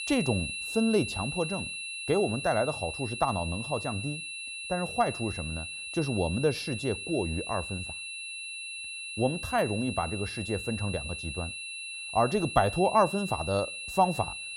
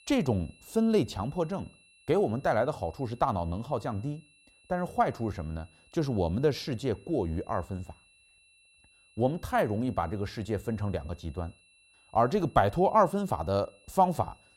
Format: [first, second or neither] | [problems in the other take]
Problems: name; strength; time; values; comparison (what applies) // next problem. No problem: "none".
second | high-pitched whine; loud; throughout; 2.5 kHz, 6 dB below the speech; faint in the second